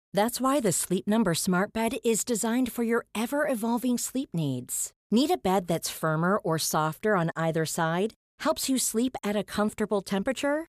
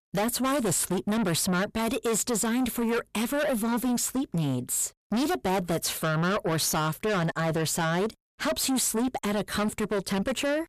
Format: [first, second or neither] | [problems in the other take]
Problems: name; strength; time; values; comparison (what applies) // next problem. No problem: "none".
first | distortion; heavy; 7 dB below the speech